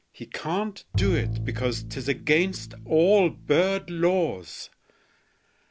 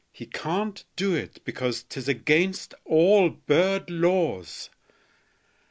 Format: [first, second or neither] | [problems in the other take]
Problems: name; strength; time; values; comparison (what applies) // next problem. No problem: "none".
second | background sound (Bowed string instrument); 6 dB below the speech